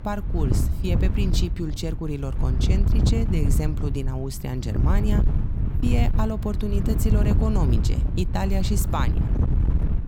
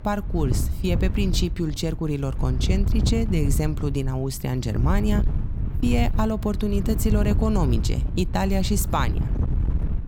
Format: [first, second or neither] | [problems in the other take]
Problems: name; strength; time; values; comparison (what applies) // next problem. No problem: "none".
second | wind noise on the microphone; heavy; 5 dB below the speech; occasional gusts in the second